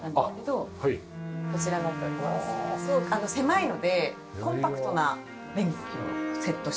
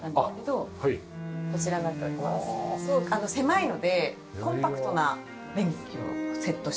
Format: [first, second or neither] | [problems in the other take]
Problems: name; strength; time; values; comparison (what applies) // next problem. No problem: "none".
second | background sound (Trumpet); 16 dB below the speech